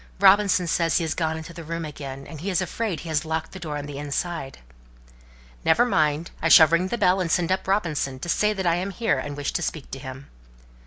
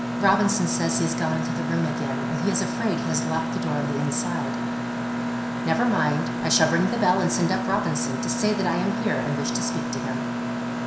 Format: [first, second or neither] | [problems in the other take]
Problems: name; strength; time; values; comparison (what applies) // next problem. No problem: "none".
first | background sound (Mechanisms); 1 dB below the speech // room echo; dies away in 0.7 s